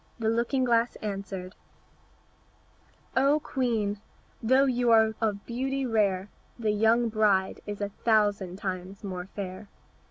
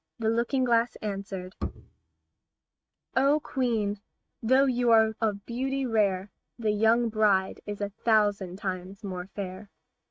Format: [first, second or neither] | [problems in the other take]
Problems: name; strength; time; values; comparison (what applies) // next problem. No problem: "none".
first | noise reduction (neural mask model RNNoise)